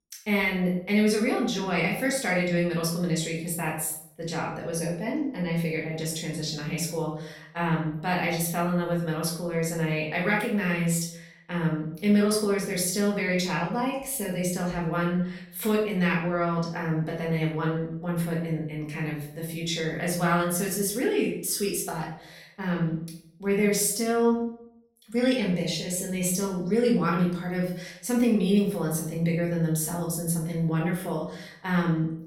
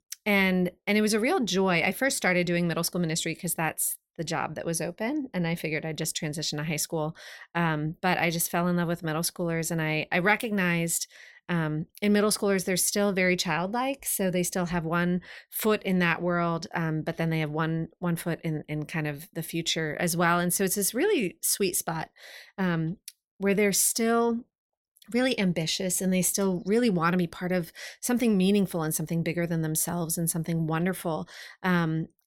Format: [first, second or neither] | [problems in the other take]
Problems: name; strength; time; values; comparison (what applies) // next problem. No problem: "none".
second | off-mic speech; far // room echo; noticeable; dies away in 0.5 s